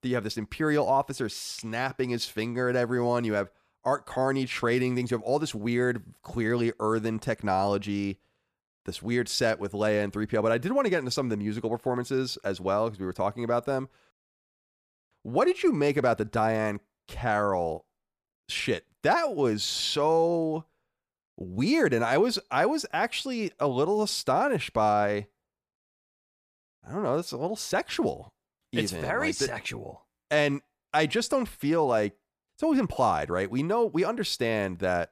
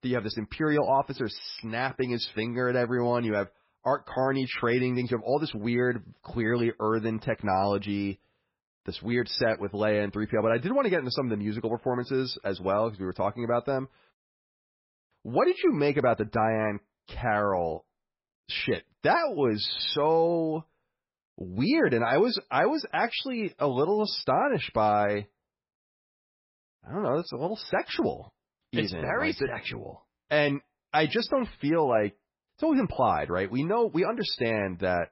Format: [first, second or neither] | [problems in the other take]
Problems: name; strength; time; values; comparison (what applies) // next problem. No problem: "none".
first | garbled, watery; badly; nothing above 5.5 kHz